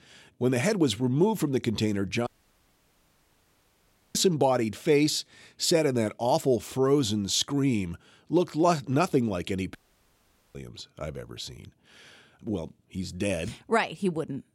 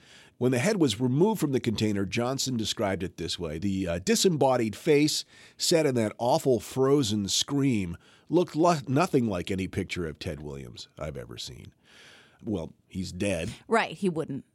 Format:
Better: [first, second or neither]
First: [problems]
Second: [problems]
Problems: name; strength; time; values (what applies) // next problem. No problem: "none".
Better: second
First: audio cutting out; at 2.5 s for 2 s and at 10 s for 1 s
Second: none